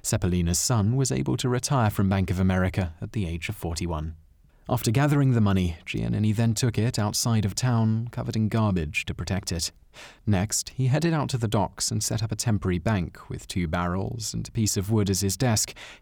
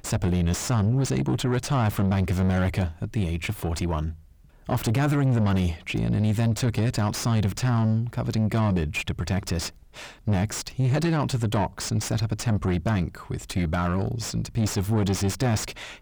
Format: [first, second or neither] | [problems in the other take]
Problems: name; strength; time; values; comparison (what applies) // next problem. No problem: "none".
first | distortion; slight; 9 dB below the speech